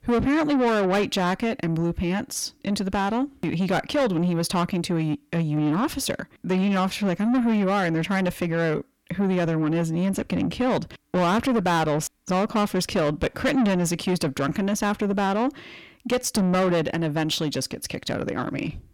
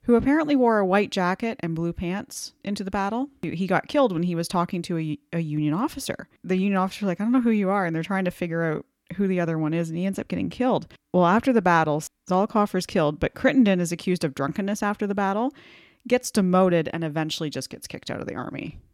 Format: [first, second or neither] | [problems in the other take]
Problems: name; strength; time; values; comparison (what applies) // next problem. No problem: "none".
second | distortion; heavy; 8 dB below the speech